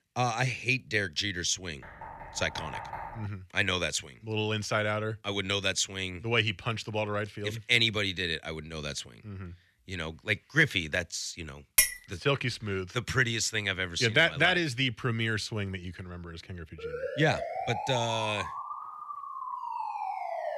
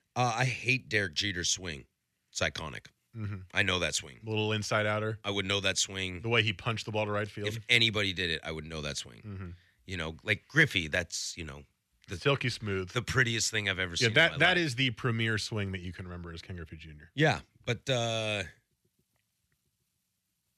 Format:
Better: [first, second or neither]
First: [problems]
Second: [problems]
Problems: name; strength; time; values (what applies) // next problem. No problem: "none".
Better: second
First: door banging; faint; from 2 to 3.5 s; peak 10 dB below the speech // clattering dishes; loud; at 12 s; peak 5 dB above the speech // siren; noticeable; from 17 s on; peak 5 dB below the speech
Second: none